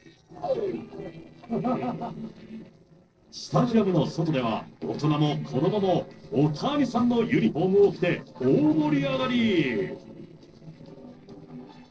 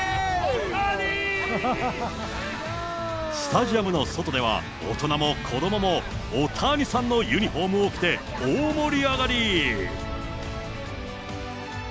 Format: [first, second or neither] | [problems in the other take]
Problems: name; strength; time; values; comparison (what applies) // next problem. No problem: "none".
second | noise reduction (neural separator model SepFormer DNS4)